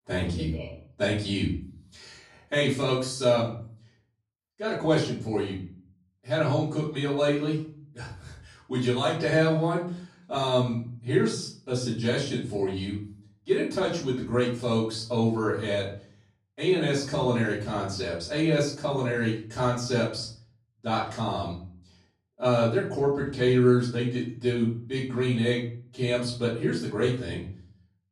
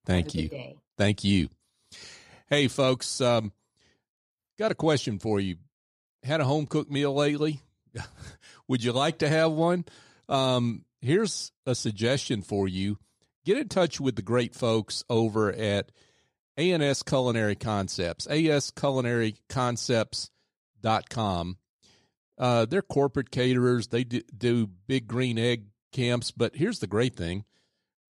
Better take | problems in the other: second | off-mic speech; far // room echo; noticeable; dies away in 0.4 s

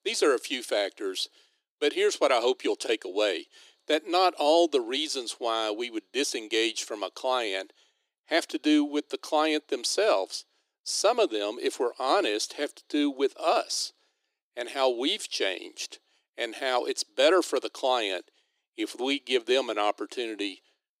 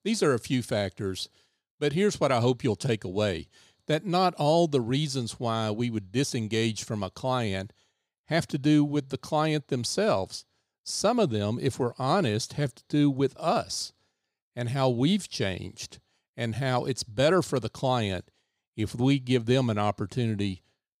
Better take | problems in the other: second | thin; somewhat; fading below 300 Hz

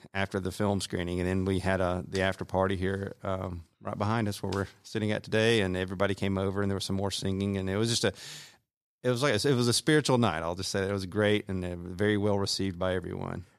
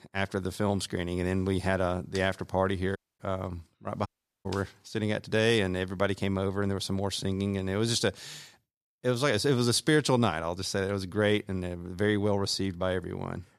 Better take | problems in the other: first | audio cutting out; at 3 s and at 4 s

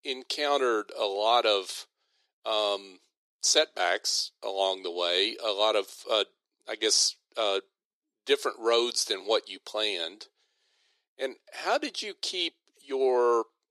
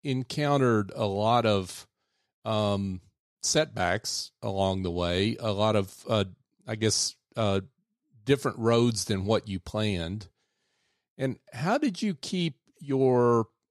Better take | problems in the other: second | thin; very; fading below 350 Hz

